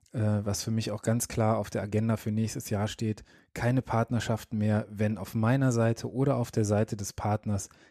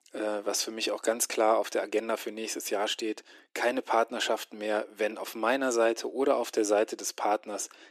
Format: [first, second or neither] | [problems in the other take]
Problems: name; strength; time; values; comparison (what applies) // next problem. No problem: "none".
first | thin; very; fading below 300 Hz